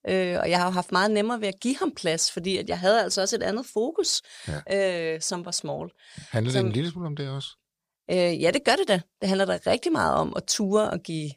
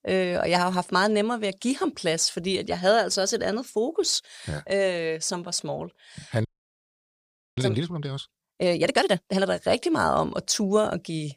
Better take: first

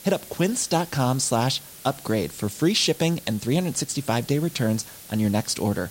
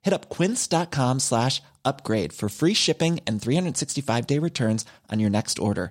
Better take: second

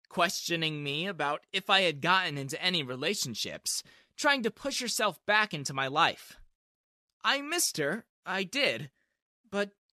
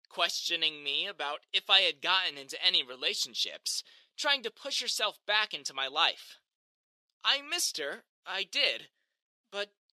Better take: first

